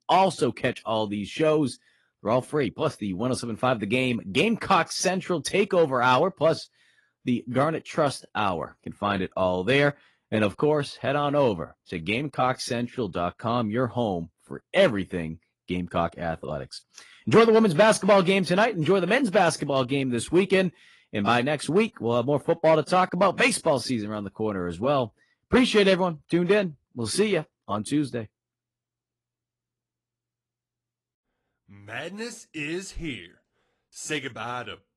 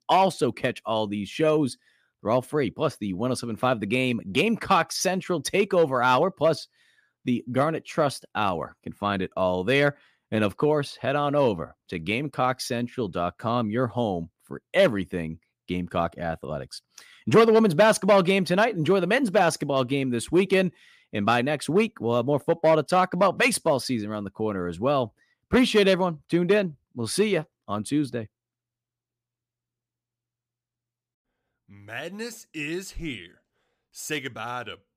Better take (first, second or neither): second